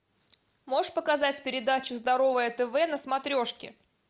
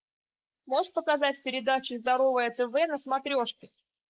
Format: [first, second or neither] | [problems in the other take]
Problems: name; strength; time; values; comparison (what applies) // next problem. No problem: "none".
first | noise reduction (neural mask model Resemble Enhance denoiser)